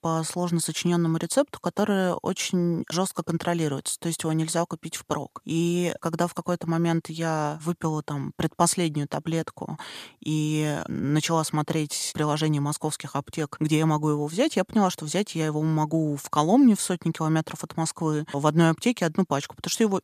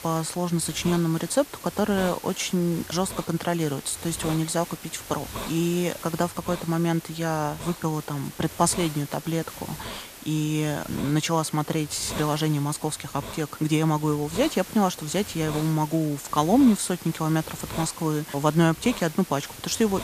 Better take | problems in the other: first | hiss; noticeable; throughout; 15 dB below the speech

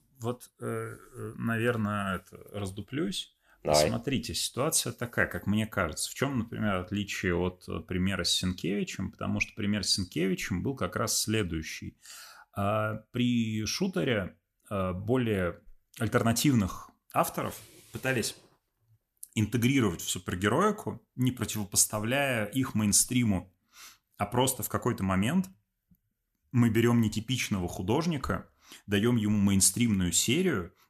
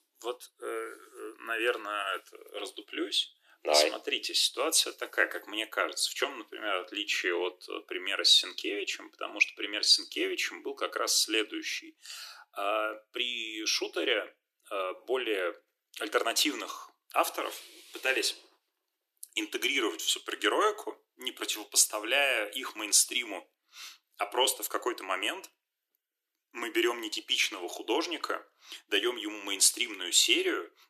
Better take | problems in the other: first | thin; very; fading below 300 Hz

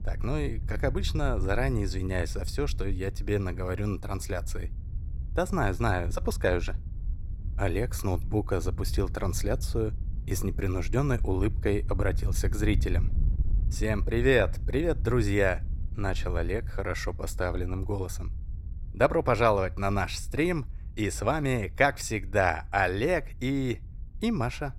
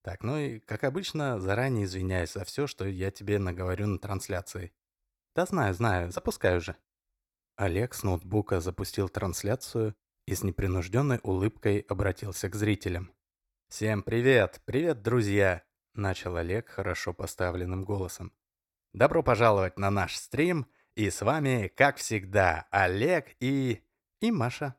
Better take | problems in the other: second | wind noise on the microphone; occasional gusts; 25 dB below the speech

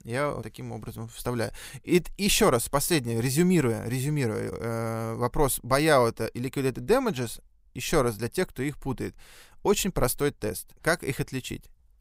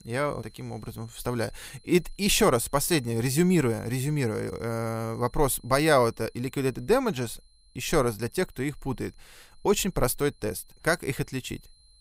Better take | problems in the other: first | high-pitched whine; faint; throughout; 4 kHz, 30 dB below the speech

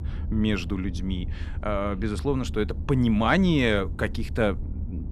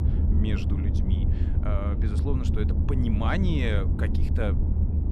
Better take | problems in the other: first | low rumble; loud; throughout; 5 dB below the speech; faint in the first

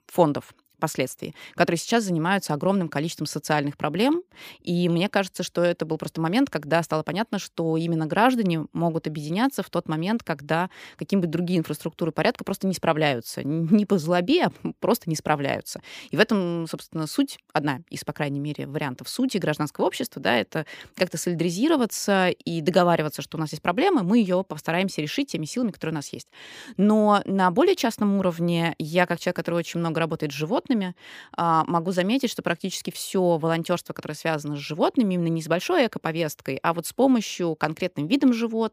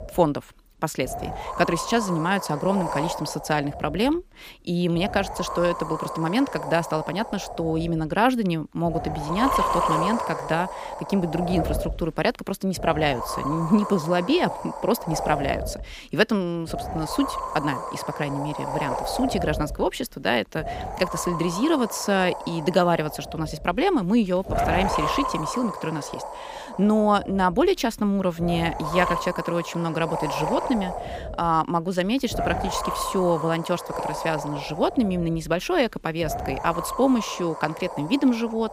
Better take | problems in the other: first | wind noise on the microphone; heavy; 3 dB below the speech

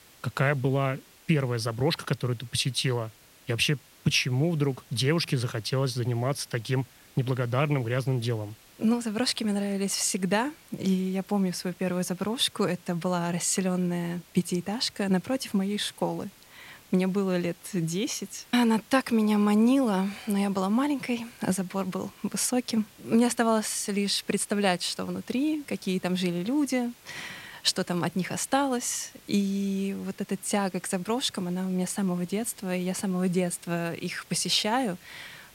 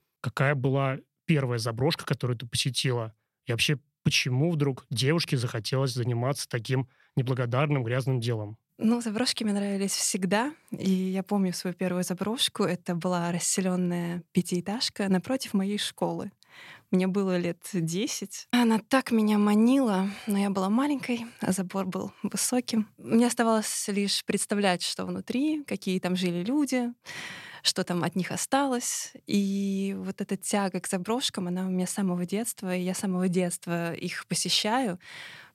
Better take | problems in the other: second | hiss; faint; throughout; 25 dB below the speech

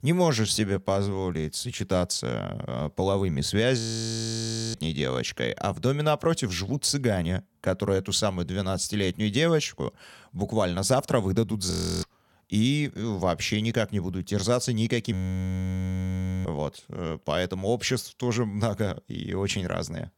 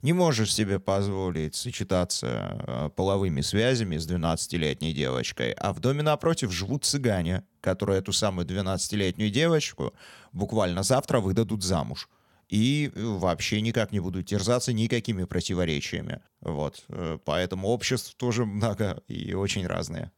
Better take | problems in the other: second | audio freezing; at 4 s for 1 s, at 12 s and at 15 s for 1.5 s

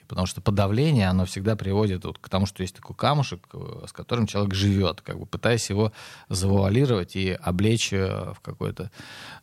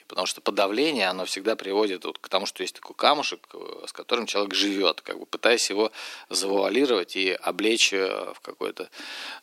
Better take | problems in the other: first | thin; somewhat; fading below 300 Hz

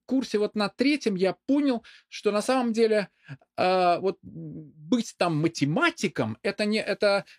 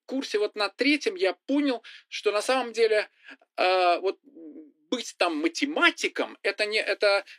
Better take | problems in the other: first | thin; very slightly; fading below 300 Hz

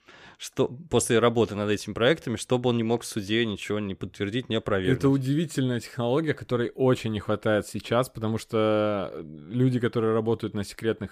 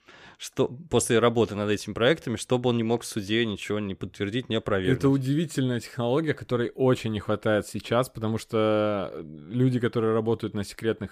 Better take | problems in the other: neither | none

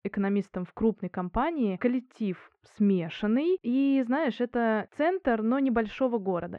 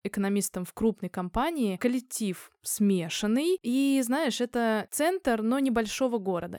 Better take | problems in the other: second | muffled; very; fading above 2.5 kHz

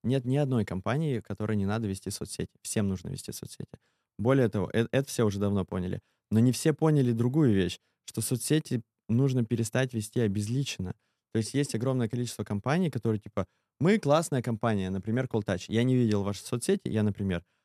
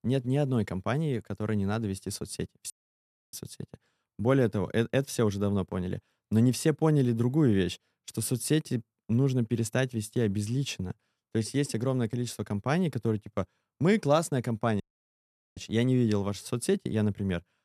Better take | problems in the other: first | audio cutting out; at 2.5 s for 0.5 s and at 15 s for 1 s

